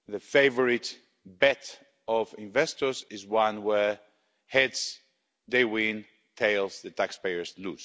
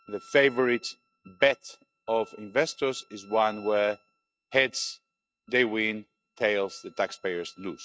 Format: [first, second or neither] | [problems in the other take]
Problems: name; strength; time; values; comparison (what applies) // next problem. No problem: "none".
first | noise reduction (neural mask model RNNoise)